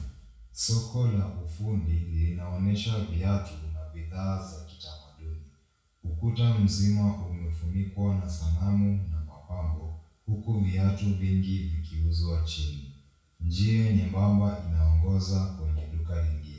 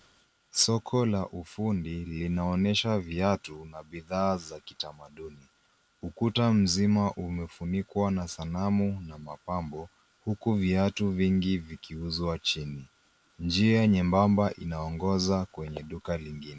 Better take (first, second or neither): second